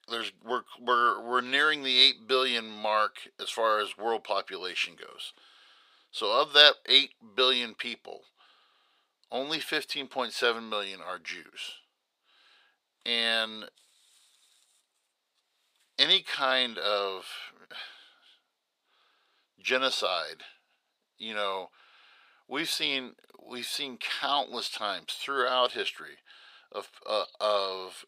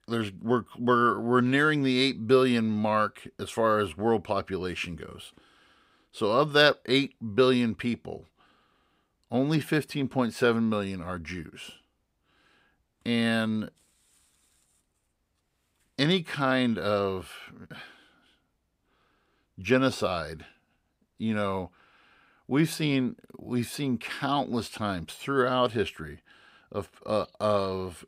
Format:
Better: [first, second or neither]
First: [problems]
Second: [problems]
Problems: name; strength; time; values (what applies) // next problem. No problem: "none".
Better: second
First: thin; very; fading below 650 Hz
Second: none